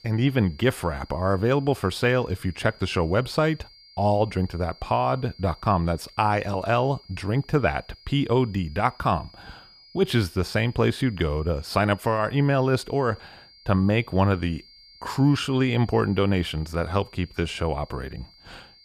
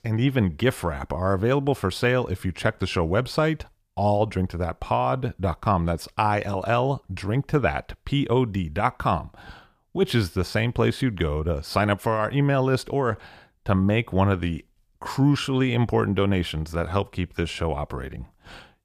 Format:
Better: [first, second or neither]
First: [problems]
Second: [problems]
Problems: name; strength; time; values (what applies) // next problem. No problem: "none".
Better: second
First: high-pitched whine; faint; throughout; 4.5 kHz, 25 dB below the speech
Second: none